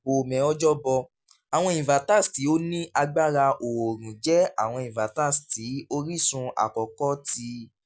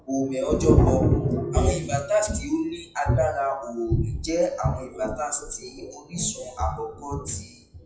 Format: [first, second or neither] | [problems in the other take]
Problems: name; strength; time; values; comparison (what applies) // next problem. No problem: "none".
first | noise reduction (classical method WPE with log-MMSE)